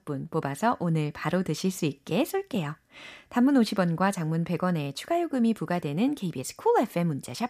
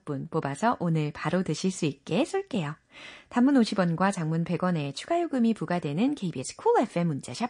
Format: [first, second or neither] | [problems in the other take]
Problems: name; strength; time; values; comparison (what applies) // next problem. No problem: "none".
first | garbled, watery; slightly; nothing above 8.5 kHz